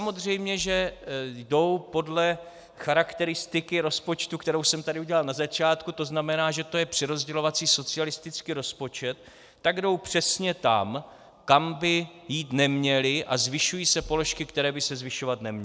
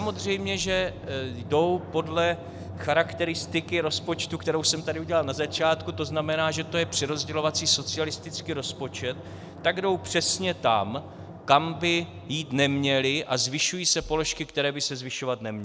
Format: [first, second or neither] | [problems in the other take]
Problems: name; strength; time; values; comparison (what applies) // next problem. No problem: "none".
first | background sound (Drum); 13 dB below the speech